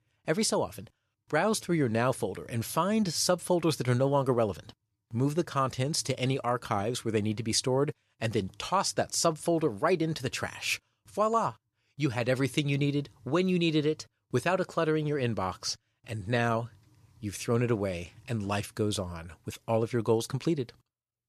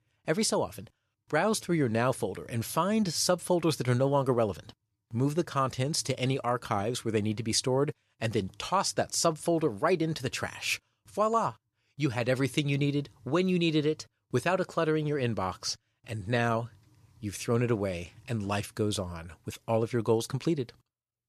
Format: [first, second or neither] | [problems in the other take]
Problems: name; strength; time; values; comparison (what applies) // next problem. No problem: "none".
neither | none